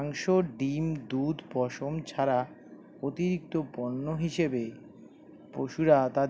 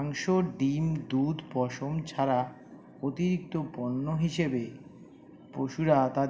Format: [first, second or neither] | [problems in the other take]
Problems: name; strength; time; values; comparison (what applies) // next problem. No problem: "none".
first | room echo; dies away in 2.3 s